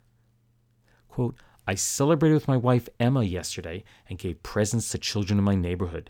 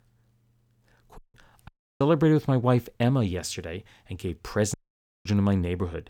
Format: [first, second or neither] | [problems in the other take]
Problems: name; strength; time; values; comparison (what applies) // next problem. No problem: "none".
first | audio cutting out; at 1 s, at 1.5 s and at 4.5 s for 0.5 s